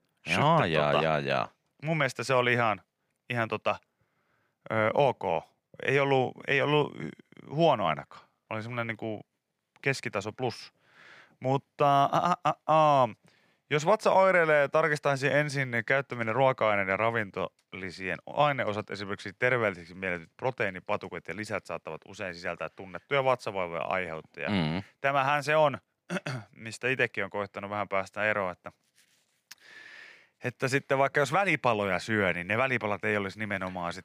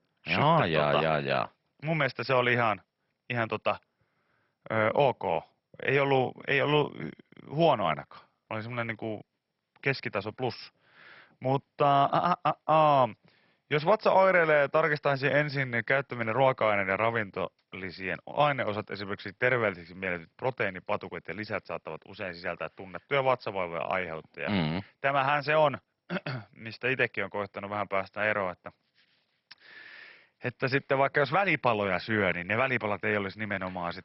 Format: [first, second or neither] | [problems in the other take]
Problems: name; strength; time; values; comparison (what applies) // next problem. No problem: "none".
first | garbled, watery; badly; nothing above 5.5 kHz